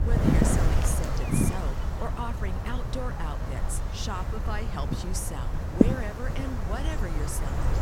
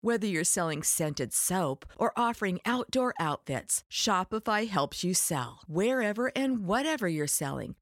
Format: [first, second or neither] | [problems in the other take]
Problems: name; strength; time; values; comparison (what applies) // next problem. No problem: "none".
second | wind noise on the microphone; heavy; 2 dB above the speech